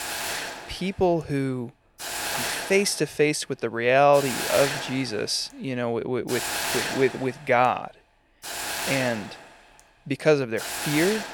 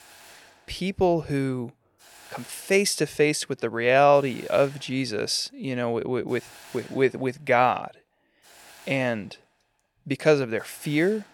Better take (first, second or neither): second